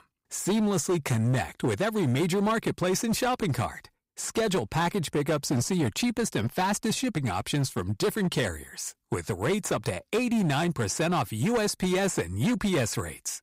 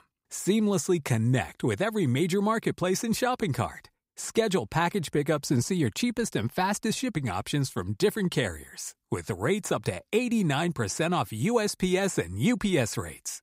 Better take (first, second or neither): second